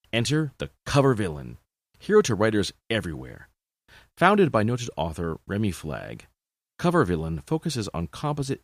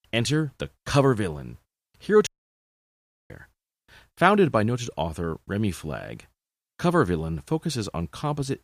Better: first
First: none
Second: audio cutting out; at 2.5 s for 1 s

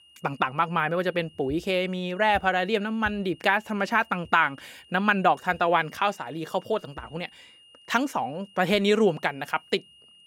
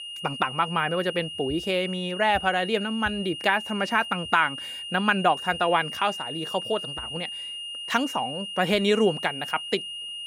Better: first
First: high-pitched whine; faint; throughout; 3 kHz, 25 dB below the speech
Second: high-pitched whine; loud; throughout; 3 kHz, 8 dB below the speech

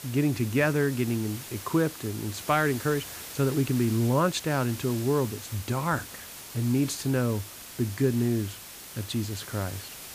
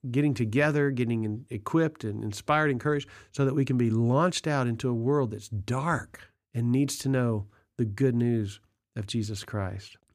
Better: second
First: hiss; noticeable; throughout; 10 dB below the speech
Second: none

